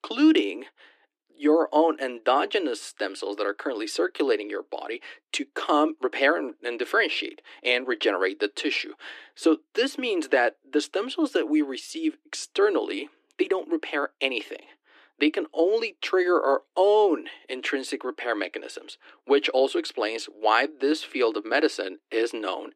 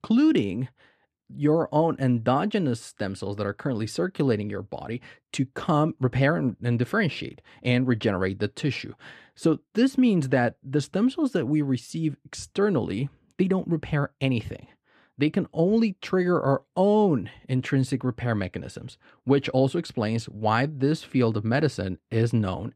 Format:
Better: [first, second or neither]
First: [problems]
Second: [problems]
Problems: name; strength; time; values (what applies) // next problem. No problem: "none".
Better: second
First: thin; somewhat; fading below 300 Hz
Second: none